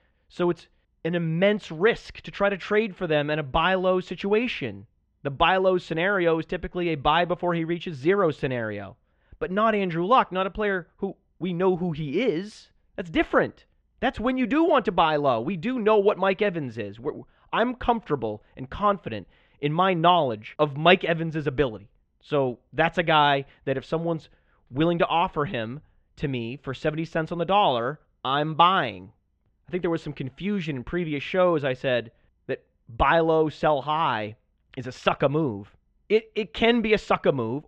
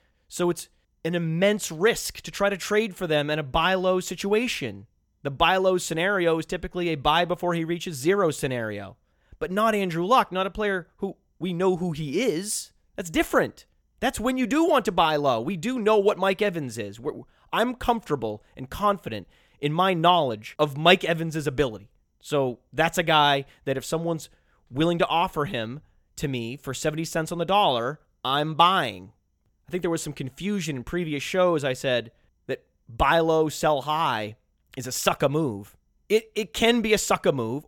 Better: second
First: muffled; very; fading above 3 kHz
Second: none

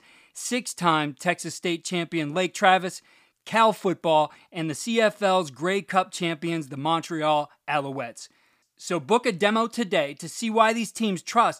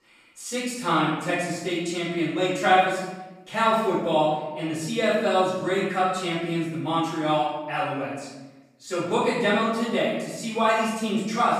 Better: first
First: none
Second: off-mic speech; far // room echo; noticeable; dies away in 1 s

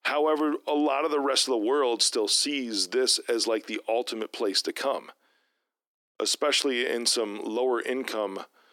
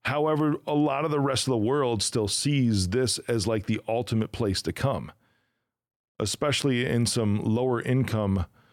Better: second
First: thin; somewhat; fading below 300 Hz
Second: none

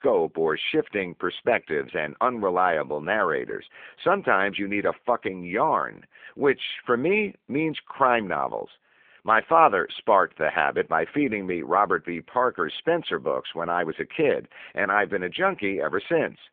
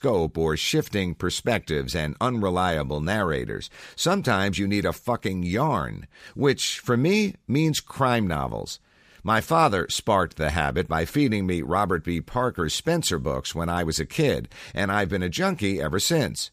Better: second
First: phone-call audio; nothing above 3.5 kHz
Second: none

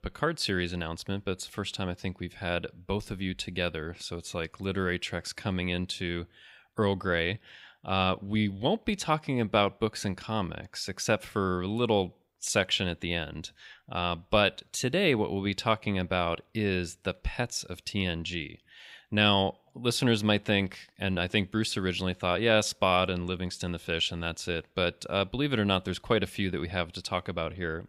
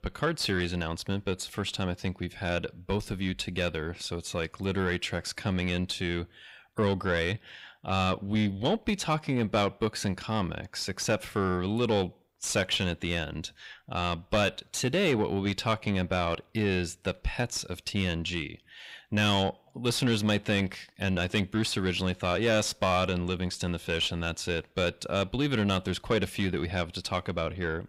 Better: first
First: none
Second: distortion; slight; 10 dB below the speech

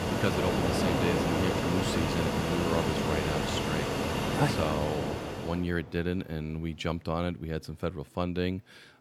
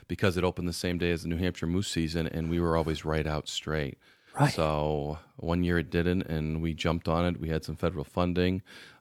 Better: second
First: train or aircraft noise; very loud; throughout; 3 dB above the speech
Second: none

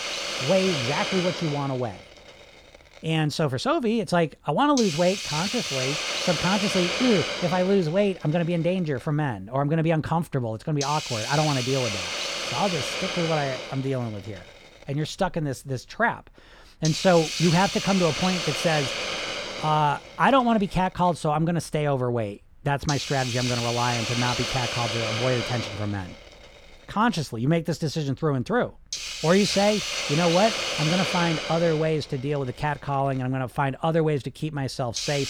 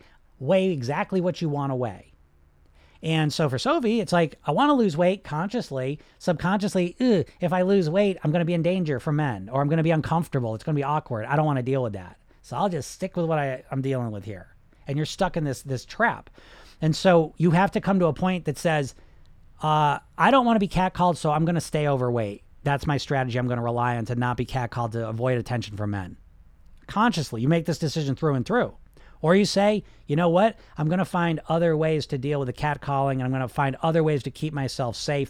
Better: second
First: hiss; loud; throughout; 3 dB below the speech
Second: none

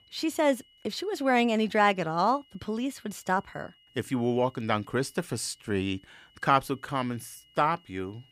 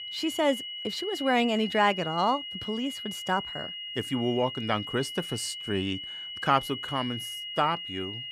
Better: first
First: high-pitched whine; faint; throughout; 3 kHz, 30 dB below the speech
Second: high-pitched whine; loud; throughout; 3 kHz, 6 dB below the speech

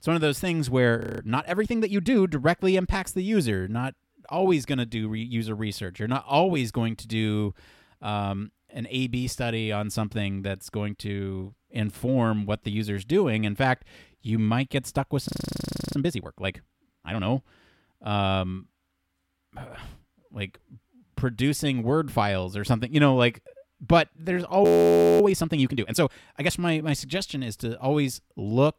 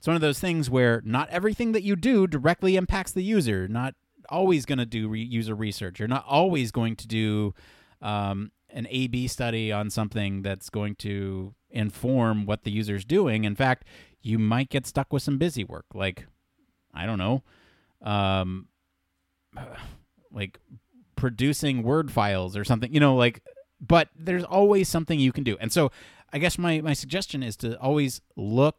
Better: second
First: audio freezing; at 1 s, at 15 s for 0.5 s and at 25 s for 0.5 s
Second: none

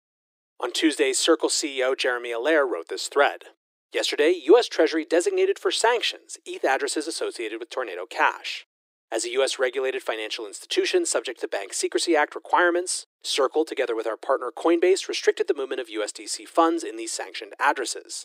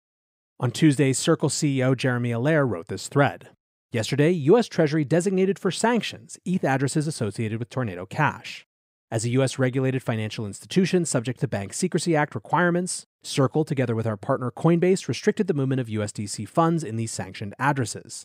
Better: second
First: thin; very; fading below 350 Hz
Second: none

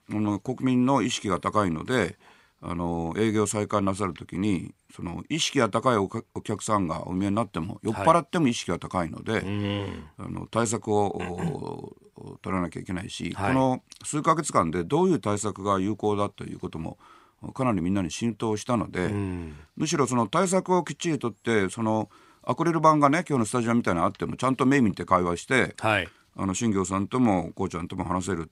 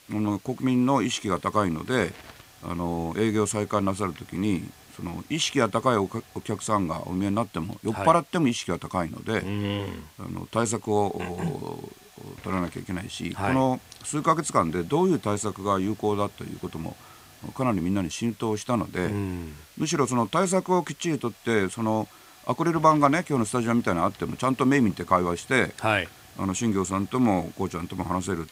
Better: first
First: none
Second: hiss; faint; throughout; 25 dB below the speech

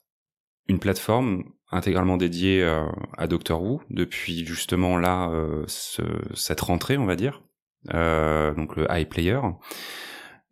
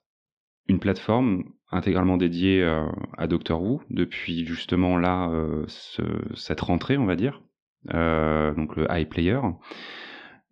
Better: first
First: none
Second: muffled; slightly; fading above 4 kHz

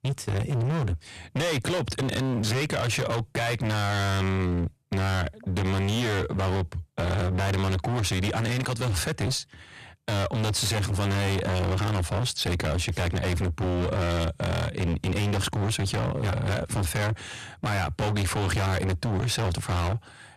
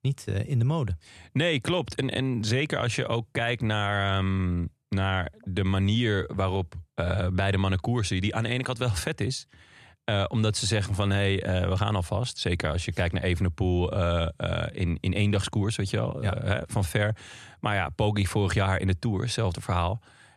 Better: second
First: distortion; heavy; 39% of the sound clipped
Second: none

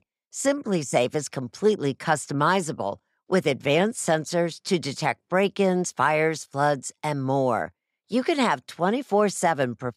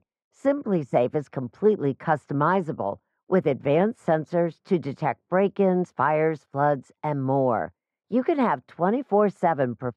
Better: first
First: none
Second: muffled; very; fading above 3 kHz

